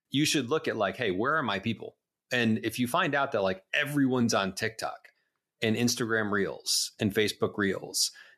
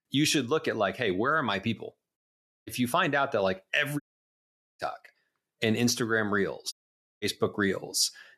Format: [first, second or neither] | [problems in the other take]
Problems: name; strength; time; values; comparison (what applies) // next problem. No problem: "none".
first | audio cutting out; at 2 s, at 4 s for 1 s and at 6.5 s